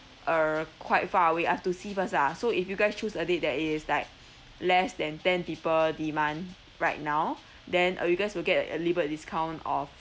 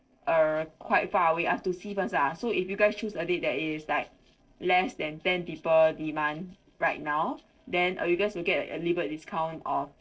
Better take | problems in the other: first | noise reduction (neural separator model SepFormer DNS4)

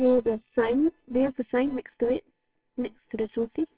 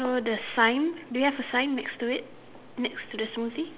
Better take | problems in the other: second | noise reduction (neural separator model SepFormer WHAMR!)

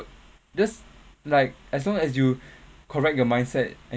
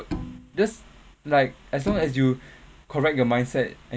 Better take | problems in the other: first | background sound (Bowed string instrument); 13 dB below the speech

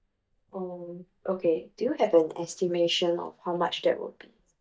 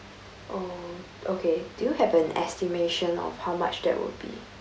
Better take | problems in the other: second | noise reduction (neural mask model DeepFilterNet 3)

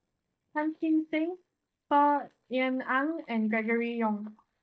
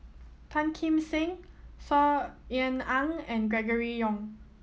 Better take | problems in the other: second | noise reduction (neural mask model DeepFilterNet 3)

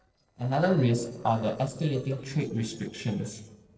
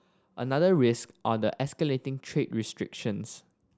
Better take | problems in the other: second | noise reduction (neural separator model SepFormer DNS4)

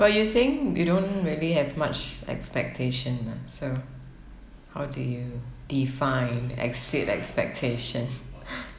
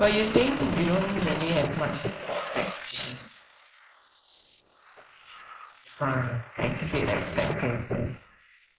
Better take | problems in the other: first | noise reduction (neural mask model Resemble Enhance denoiser)

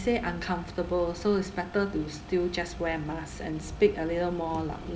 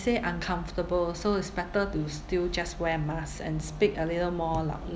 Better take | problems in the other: second | background sound (Motor vehicle (road)); 16 dB below the speech // room echo; dies away in 0.3 s

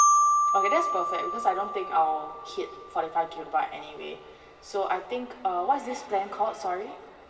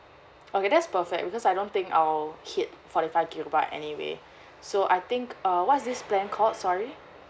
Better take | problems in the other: second | background sound (Marimba, xylophone); as loud as the speech // room echo; dies away in 2 s

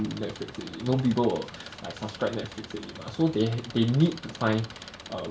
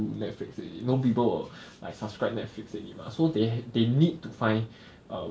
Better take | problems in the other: second | background sound (Engine); 16 dB below the speech

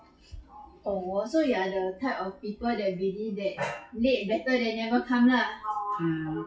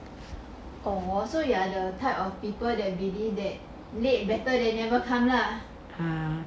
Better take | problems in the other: second | noise reduction (classical method WPE with log-MMSE)

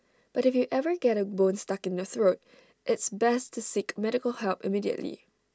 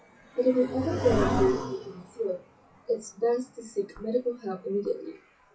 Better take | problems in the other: first | noise reduction (classical method WPE with log-MMSE)

